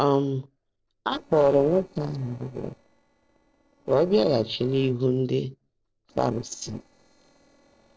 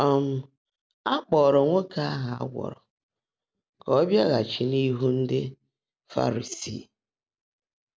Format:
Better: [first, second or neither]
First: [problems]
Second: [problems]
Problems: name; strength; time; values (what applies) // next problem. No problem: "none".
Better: second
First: noise reduction (neural separator model SepFormer DNS4)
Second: none